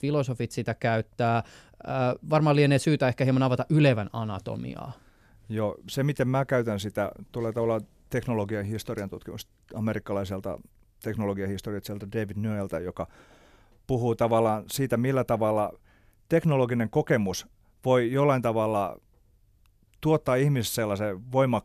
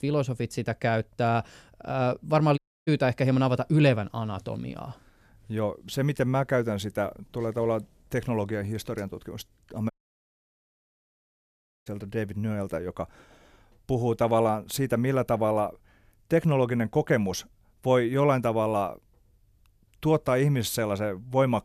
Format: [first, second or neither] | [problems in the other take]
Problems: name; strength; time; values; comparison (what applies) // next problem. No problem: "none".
first | audio cutting out; at 2.5 s and at 10 s for 2 s